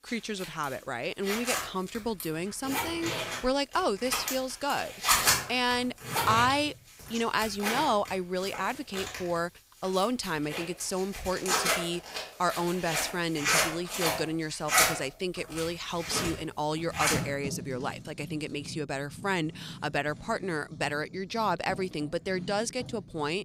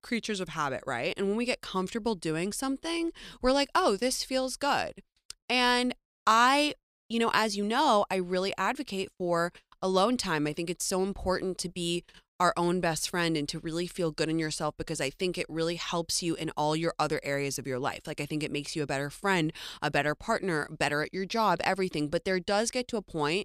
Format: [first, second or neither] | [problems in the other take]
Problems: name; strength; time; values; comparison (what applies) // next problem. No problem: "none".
second | household noises; very loud; throughout; 1 dB above the speech